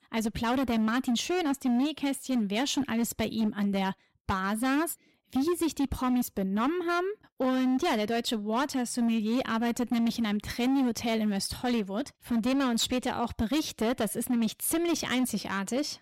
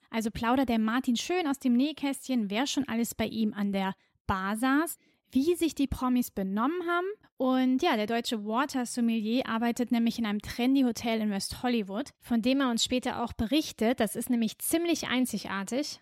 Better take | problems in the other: second | distortion; slight; 14% of the sound clipped

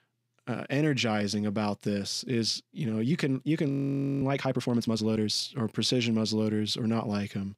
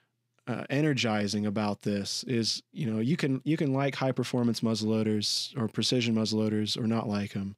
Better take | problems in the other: second | audio freezing; at 3.5 s for 0.5 s

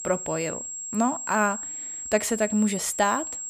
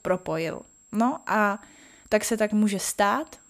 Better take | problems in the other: second | high-pitched whine; loud; throughout; 7.5 kHz, 6 dB below the speech; faint in the second

